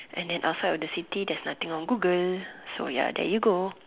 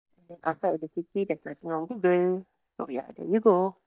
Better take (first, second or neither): first